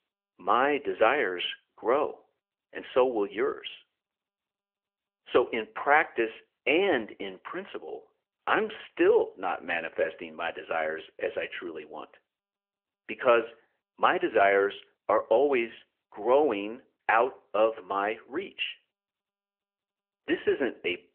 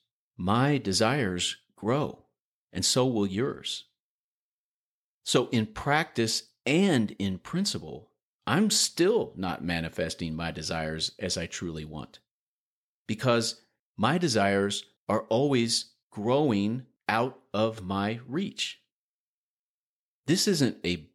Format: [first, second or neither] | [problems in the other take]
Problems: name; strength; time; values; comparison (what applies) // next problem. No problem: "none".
second | phone-call audio; nothing above 3 kHz